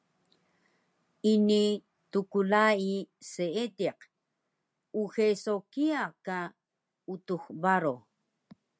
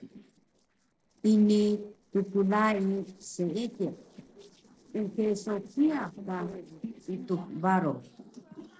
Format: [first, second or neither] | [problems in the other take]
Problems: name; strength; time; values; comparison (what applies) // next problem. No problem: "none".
first | noise reduction (neural separator model SepFormer DNS4)